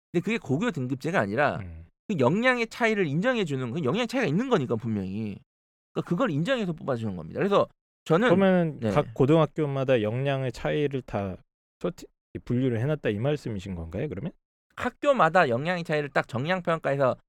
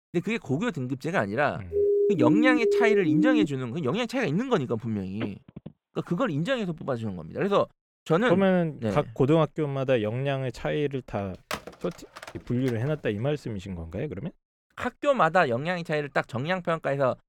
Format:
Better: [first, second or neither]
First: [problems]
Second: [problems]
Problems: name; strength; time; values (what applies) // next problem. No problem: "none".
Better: first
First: none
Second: siren; loud; from 1.5 to 3.5 s; peak 4 dB above the speech // phone ringing; faint; from 5 to 7 s; peak 10 dB below the speech // phone ringing; noticeable; from 12 to 13 s; peak 9 dB below the speech